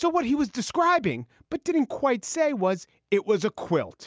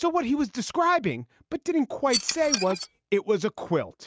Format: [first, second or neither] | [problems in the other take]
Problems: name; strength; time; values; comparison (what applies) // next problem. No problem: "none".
first | noise reduction (neural mask model RNNoise)